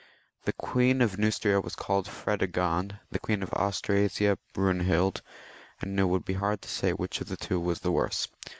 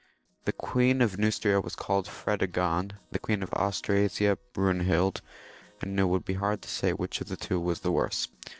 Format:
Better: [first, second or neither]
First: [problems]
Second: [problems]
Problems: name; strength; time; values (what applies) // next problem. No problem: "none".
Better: first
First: none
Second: noise reduction (neural separator model SepFormer DNS4)